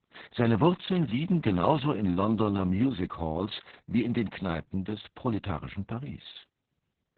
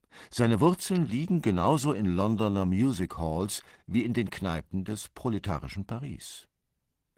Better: second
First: garbled, watery; badly; nothing above 4 kHz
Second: garbled, watery; slightly; nothing above 16 kHz

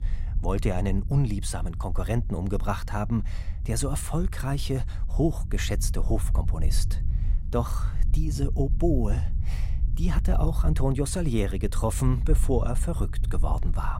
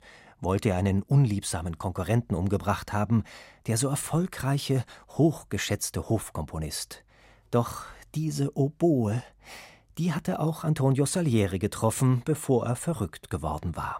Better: second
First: low rumble; noticeable; throughout; 15 dB below the speech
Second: none

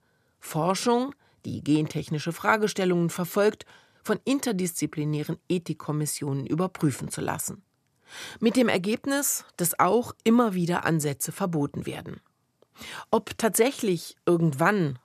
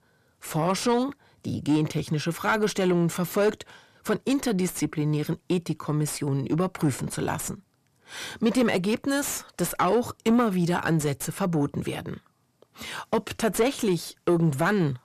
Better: first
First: none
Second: distortion; slight; 10 dB below the speech

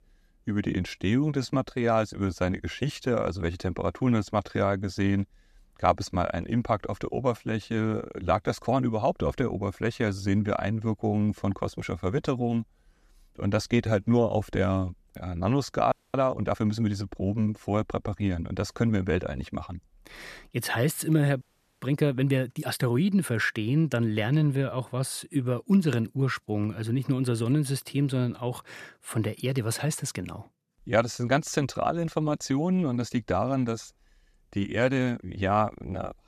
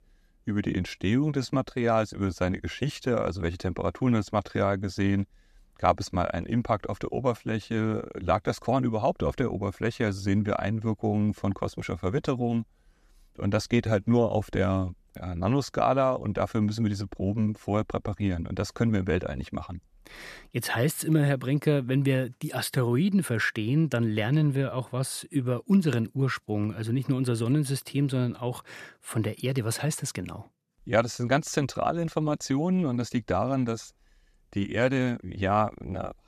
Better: second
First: audio freezing; at 16 s and at 21 s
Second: none

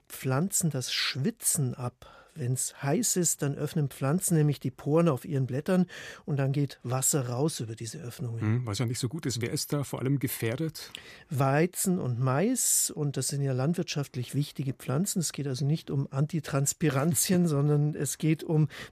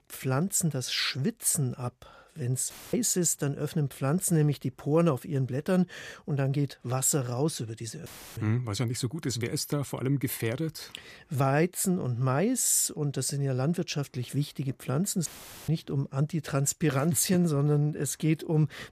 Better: first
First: none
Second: audio cutting out; filled with static; at 2.5 s, at 8 s and at 15 s

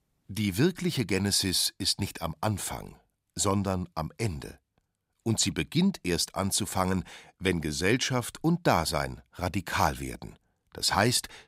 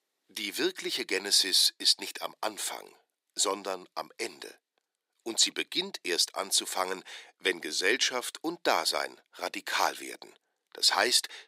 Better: first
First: none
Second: thin; very; fading below 350 Hz

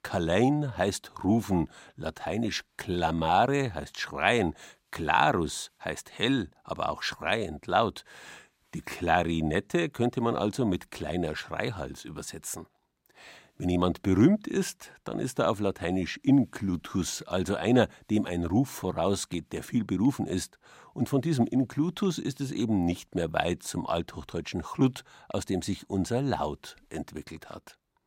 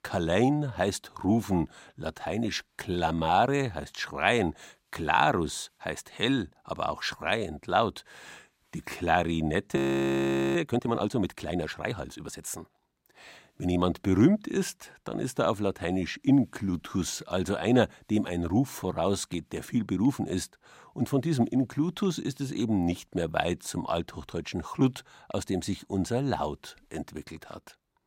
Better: first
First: none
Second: audio freezing; at 10 s for 1 s

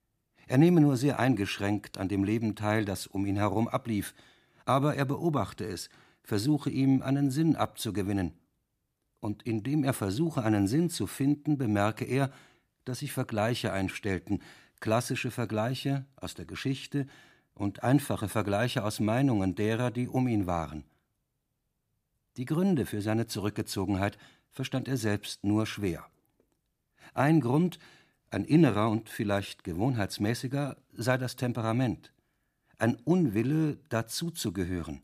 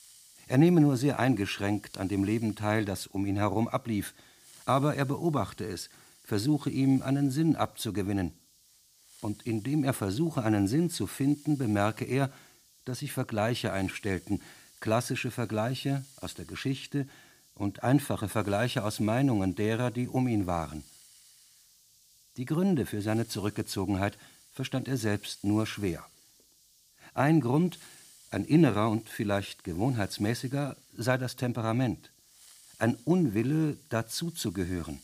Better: first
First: none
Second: hiss; faint; throughout; 25 dB below the speech

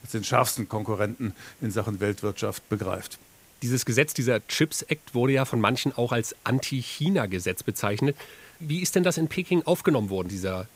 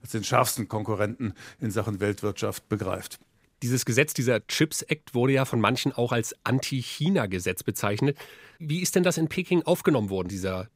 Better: second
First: hiss; faint; throughout; 25 dB below the speech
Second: none

